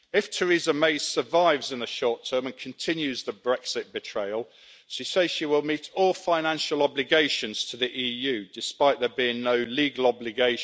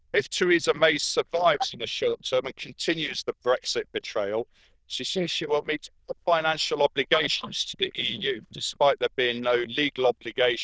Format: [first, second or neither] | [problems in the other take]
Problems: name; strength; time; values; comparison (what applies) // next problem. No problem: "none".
first | noise reduction (neural diffusion model UNIVERSE++)